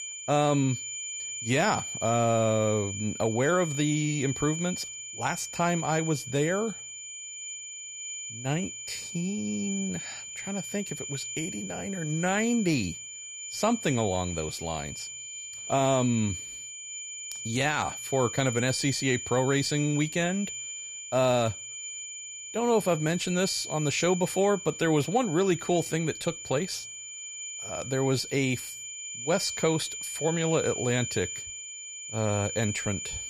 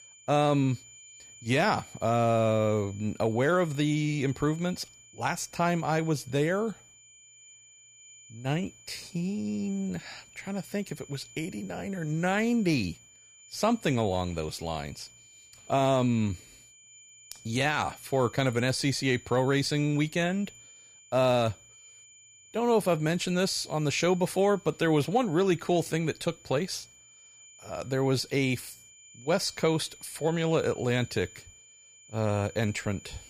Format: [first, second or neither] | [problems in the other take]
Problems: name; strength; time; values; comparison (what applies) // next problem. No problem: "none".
second | high-pitched whine; loud; throughout; 7 kHz, 7 dB below the speech; faint in the second